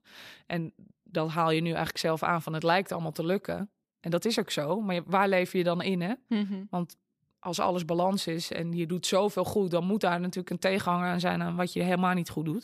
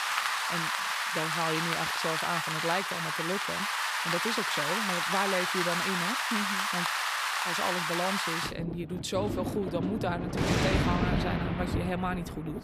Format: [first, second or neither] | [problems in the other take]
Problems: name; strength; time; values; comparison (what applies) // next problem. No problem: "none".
first | rain or running water; very loud; throughout; 5 dB above the speech